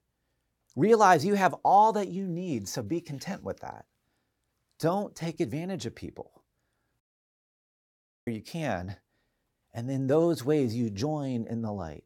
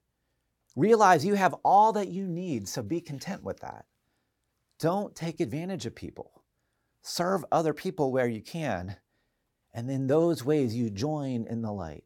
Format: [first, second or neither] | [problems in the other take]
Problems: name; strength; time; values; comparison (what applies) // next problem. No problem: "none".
second | audio cutting out; at 7 s for 1.5 s